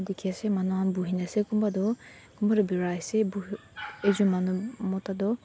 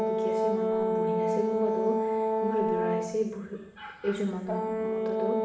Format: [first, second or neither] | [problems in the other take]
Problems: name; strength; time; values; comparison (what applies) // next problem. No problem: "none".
first | background sound (Brass instrument); 4 dB above the speech // room echo; dies away in 0.8 s